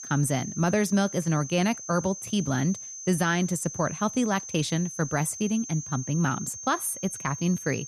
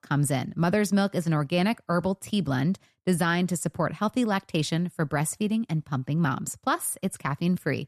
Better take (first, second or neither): second